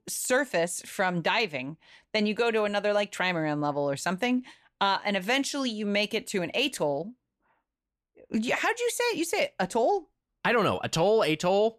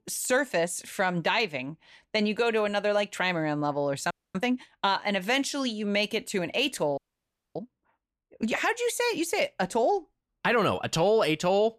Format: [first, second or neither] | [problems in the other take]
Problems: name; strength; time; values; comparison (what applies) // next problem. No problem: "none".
first | audio freezing; at 4 s and at 7 s for 0.5 s